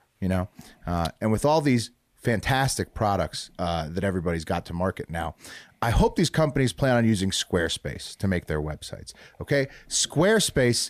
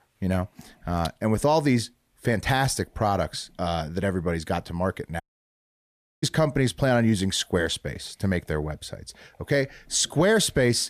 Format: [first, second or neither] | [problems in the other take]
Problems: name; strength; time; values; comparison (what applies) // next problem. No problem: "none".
first | audio cutting out; at 5 s for 1 s